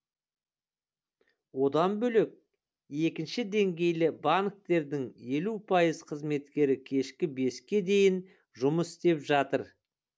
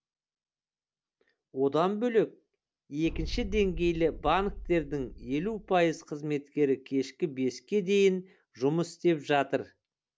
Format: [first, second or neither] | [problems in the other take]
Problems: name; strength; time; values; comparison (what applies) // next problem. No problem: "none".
first | background sound (Boom); 10 dB below the speech